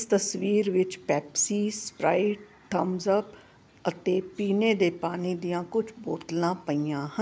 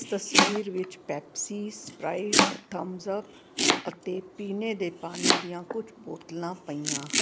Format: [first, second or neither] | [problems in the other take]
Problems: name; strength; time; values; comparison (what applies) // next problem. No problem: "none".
first | background sound (Domestic sounds, home sounds); 4 dB above the speech